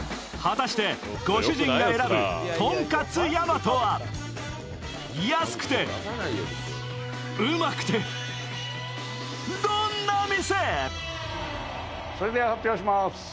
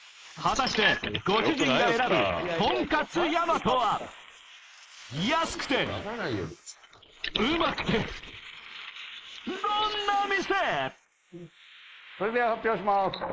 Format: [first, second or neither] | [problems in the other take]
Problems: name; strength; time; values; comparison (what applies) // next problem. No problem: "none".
first | noise reduction (neural mask model Resemble Enhance denoiser)